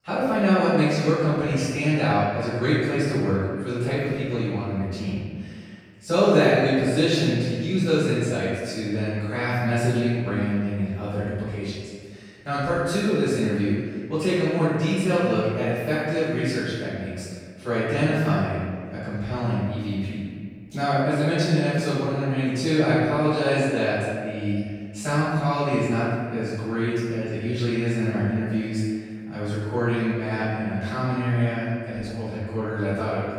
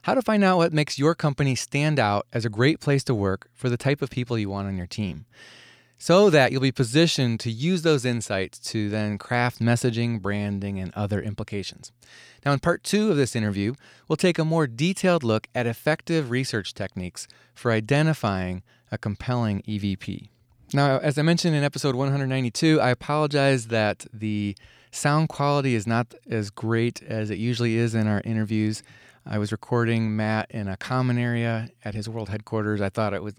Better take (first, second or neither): second